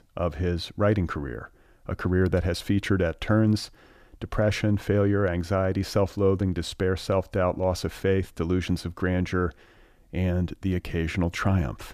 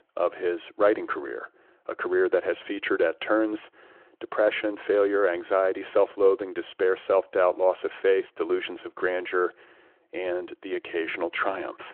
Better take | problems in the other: first | phone-call audio

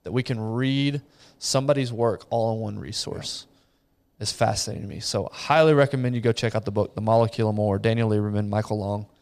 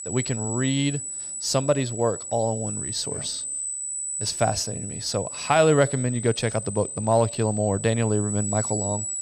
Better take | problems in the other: first | high-pitched whine; loud; throughout; 8 kHz, 5 dB below the speech

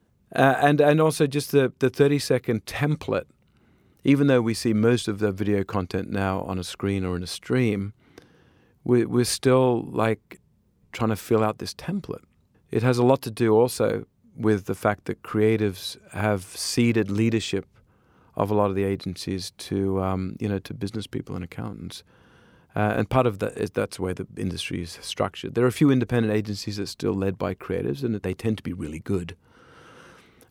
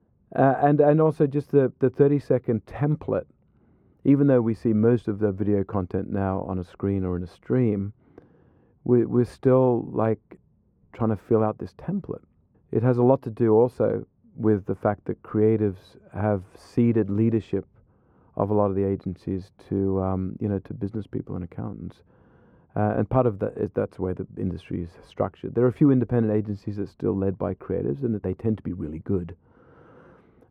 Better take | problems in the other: first | muffled; very; fading above 2 kHz

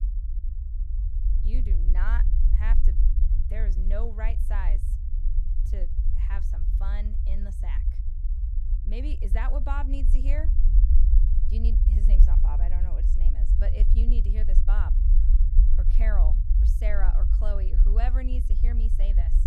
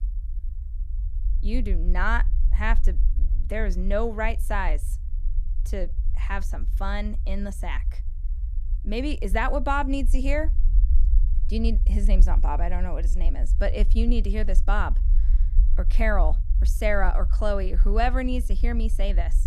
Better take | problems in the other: second | low rumble; loud; throughout; 7 dB below the speech; faint in the second

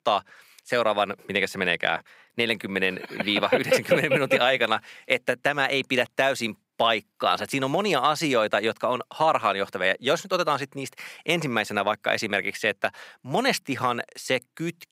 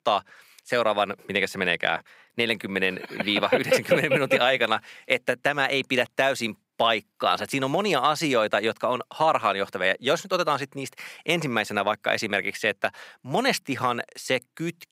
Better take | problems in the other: neither | thin; very slightly; fading below 1 kHz; the same in both

